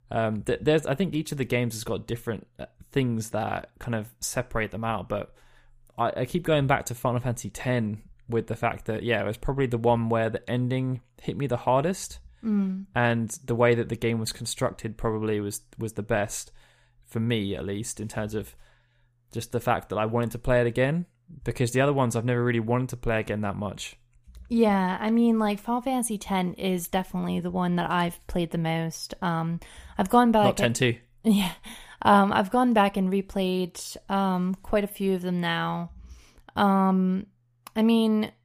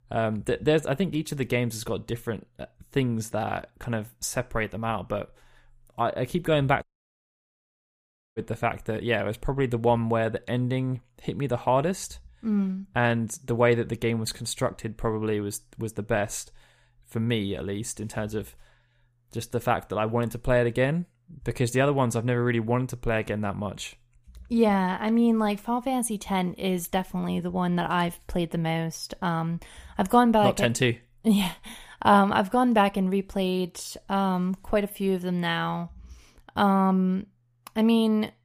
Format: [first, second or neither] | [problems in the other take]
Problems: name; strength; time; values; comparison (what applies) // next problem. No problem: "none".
first | audio cutting out; at 7 s for 1.5 s